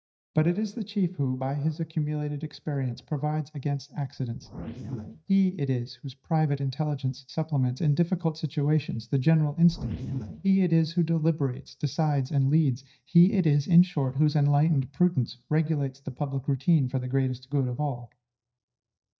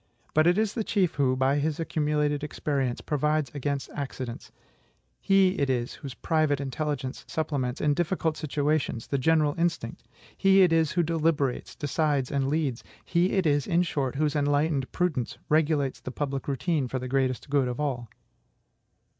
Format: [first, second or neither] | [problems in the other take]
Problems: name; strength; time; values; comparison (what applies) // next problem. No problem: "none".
second | noise reduction (neural mask model DeepFilterNet 3)